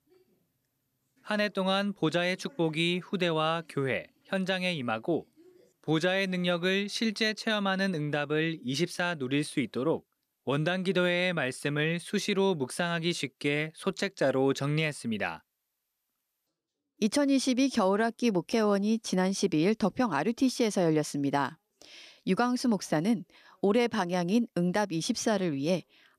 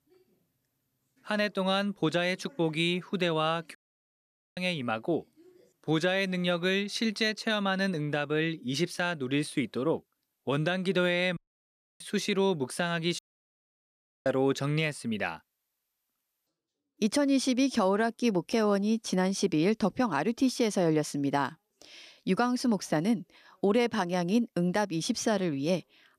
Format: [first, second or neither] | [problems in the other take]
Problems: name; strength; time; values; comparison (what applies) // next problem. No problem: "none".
first | audio cutting out; at 4 s for 1 s, at 11 s for 0.5 s and at 13 s for 1 s